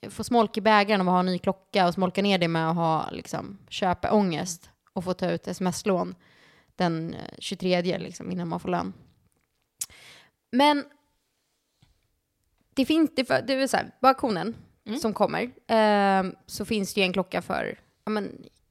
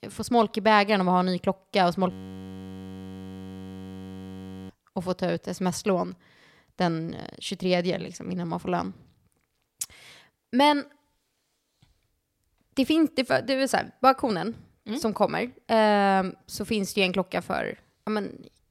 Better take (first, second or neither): first